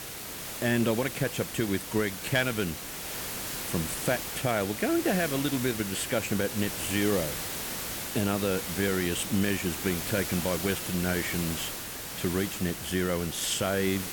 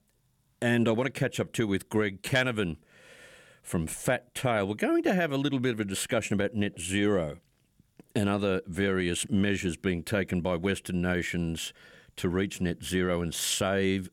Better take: second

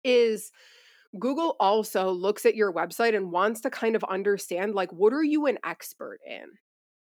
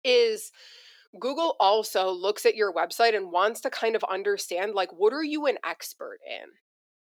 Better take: first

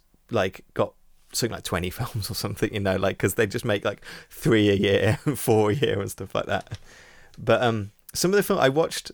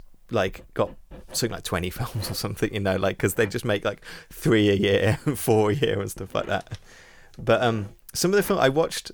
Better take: first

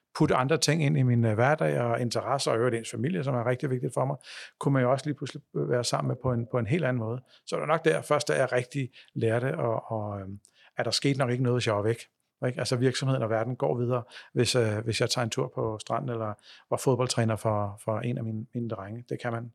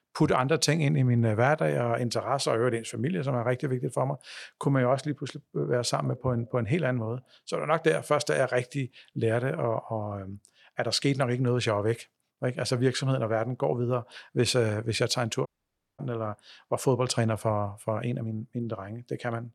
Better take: first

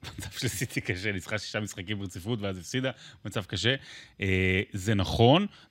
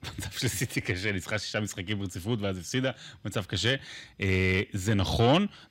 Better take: first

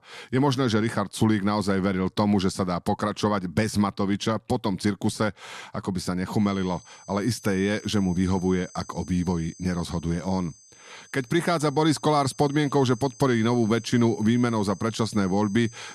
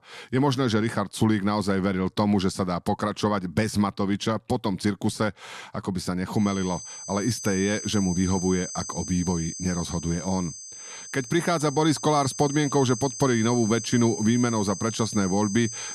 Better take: first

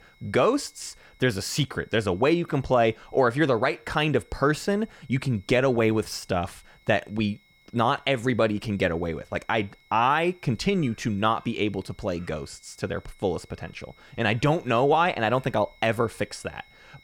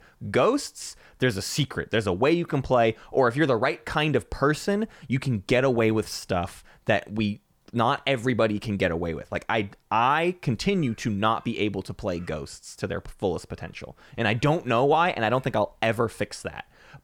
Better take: second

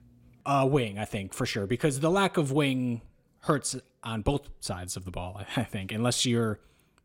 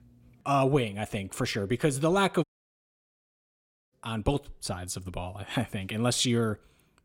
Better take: first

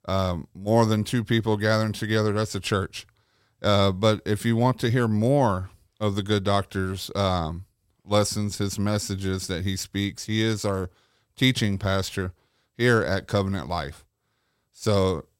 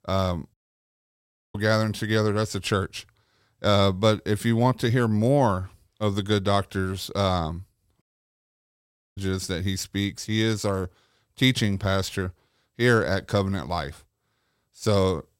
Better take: first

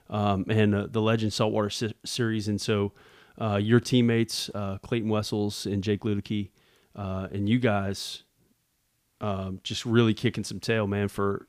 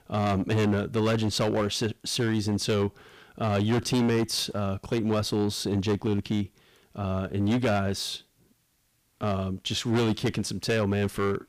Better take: first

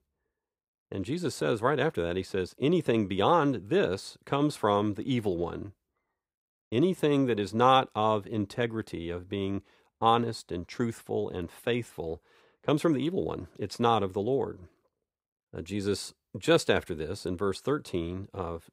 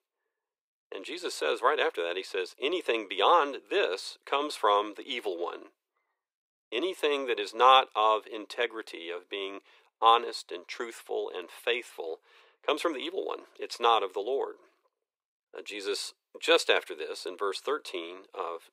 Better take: first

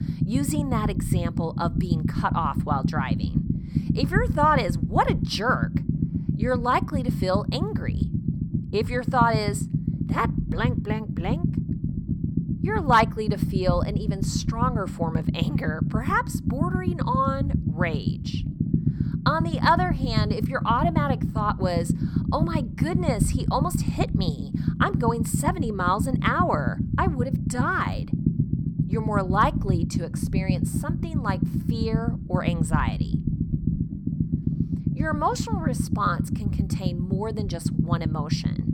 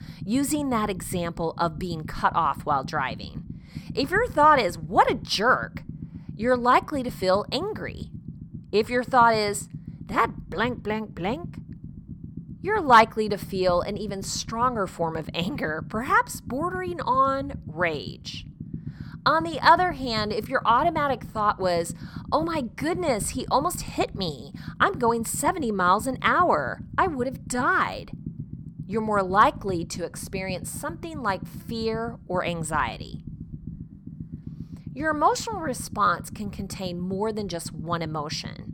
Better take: second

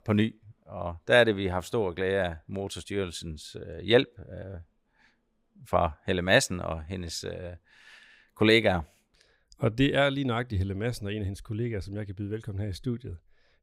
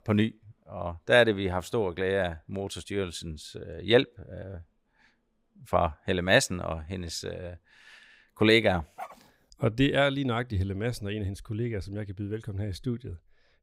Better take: first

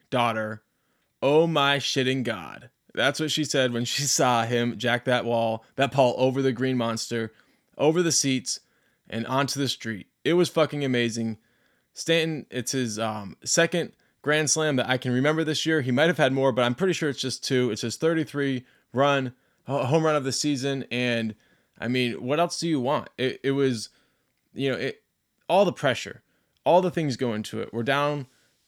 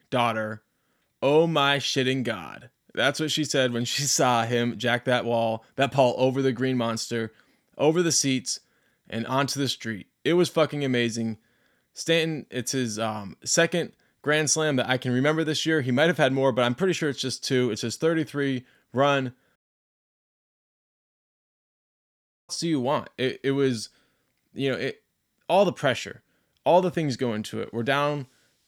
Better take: first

